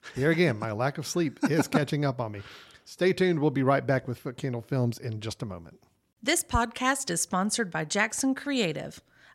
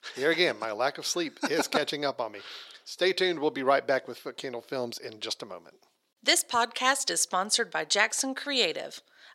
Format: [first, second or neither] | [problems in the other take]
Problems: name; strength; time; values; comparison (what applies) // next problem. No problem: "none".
first | thin; somewhat; fading below 500 Hz